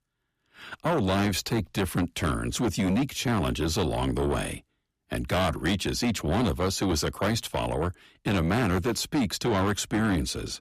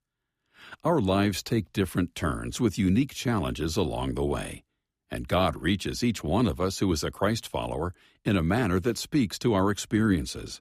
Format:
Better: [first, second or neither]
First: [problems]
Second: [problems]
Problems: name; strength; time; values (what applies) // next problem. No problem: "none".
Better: second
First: distortion; heavy; 8 dB below the speech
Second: none